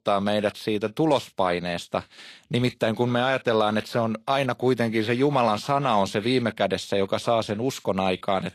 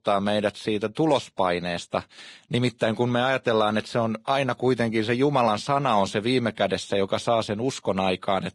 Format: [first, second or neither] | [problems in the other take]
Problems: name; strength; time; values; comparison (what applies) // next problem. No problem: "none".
first | garbled, watery; badly; nothing above 10.5 kHz; slightly in the first